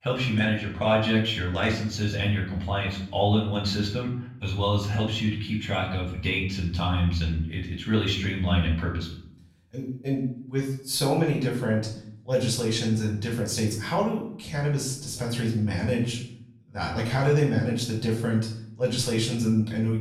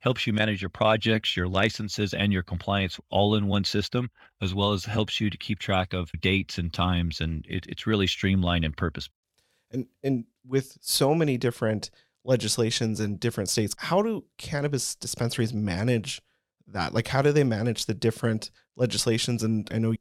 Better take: second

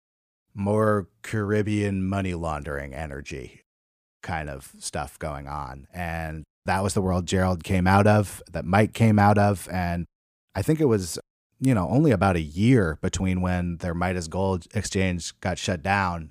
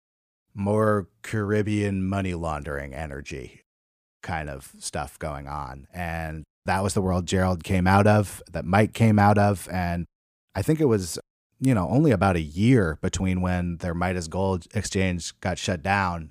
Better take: neither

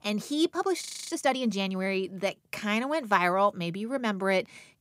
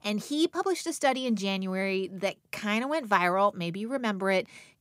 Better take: second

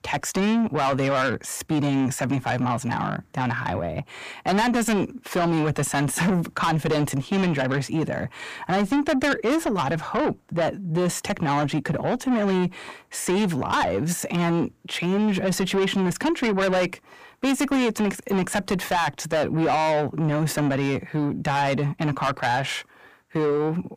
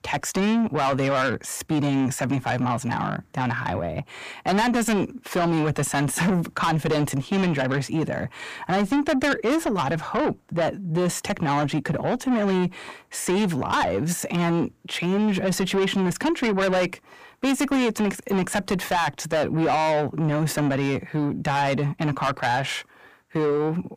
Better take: neither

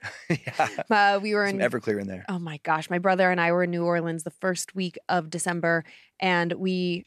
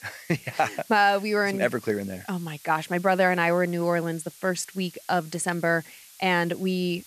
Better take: first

